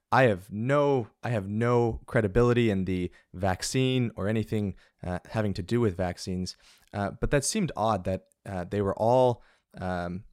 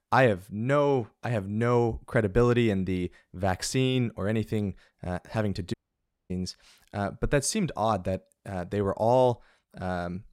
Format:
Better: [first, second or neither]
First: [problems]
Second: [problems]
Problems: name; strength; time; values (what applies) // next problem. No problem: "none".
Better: first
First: none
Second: audio cutting out; at 5.5 s for 0.5 s